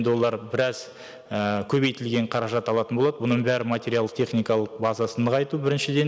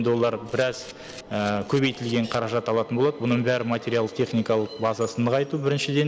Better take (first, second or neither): first